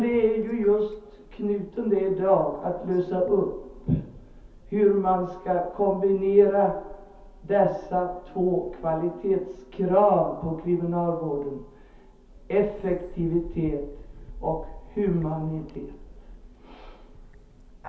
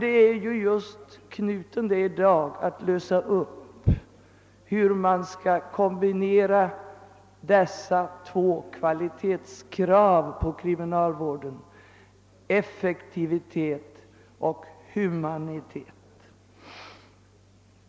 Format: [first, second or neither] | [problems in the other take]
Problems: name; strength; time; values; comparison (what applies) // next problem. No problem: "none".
second | background sound (Bird); 19 dB below the speech // room echo; dies away in 0.5 s